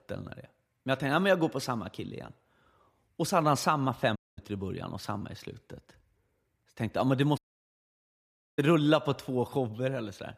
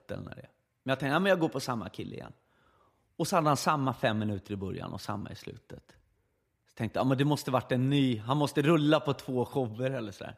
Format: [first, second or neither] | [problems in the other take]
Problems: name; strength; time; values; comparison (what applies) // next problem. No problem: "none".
second | audio cutting out; at 4 s and at 7.5 s for 1 s